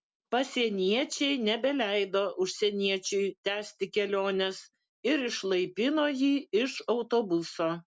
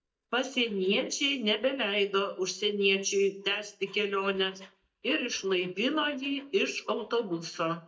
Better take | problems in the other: first | noise reduction (neural mask model DeepFilterNet 3)

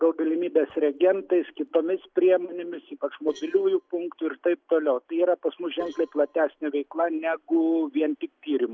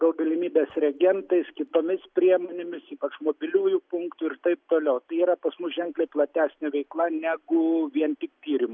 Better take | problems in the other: second | noise reduction (neural separator model SepFormer DNS4)

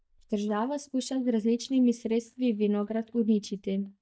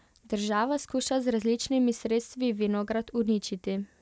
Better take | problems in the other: second | noise reduction (neural mask model DeepFilterNet 3)

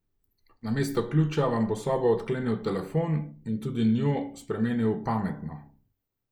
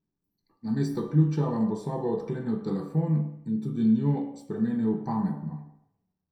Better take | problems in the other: first | room echo; dies away in 0.5 s

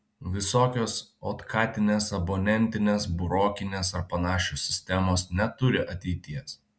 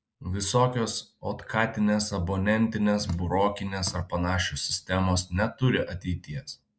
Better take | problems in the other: first | noise reduction (neural mask model Resemble Enhance denoiser)

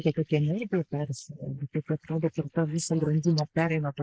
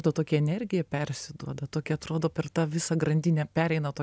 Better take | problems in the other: second | noise reduction (neural mask model Resemble Enhance denoiser)

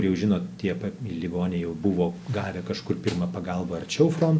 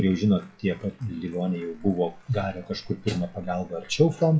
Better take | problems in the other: first | noise reduction (classical method WPE with log-MMSE)

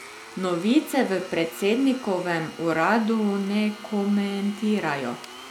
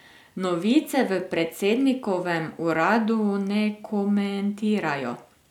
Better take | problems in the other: second | background sound (Domestic sounds, home sounds); 17 dB below the speech

